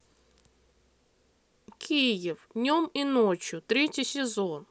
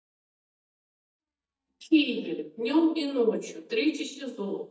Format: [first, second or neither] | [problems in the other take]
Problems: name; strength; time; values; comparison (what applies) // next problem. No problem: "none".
first | noise reduction (neural mask model DeepFilterNet 3)